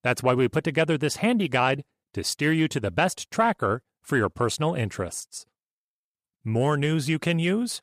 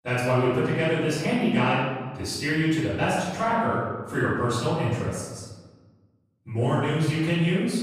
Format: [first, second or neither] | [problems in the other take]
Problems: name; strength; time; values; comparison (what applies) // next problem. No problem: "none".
first | off-mic speech; far // room echo; strong; dies away in 1.2 s